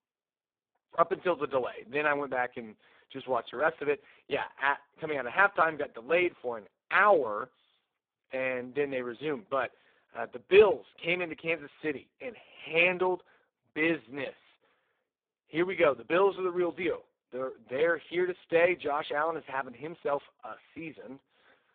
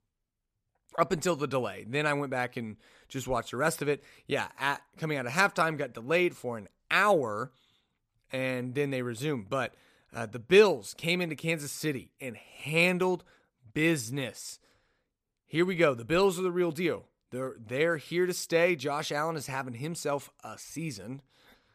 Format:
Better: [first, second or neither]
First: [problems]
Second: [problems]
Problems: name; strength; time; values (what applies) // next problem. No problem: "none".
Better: second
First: phone-call audio; poor line; nothing above 3.5 kHz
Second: none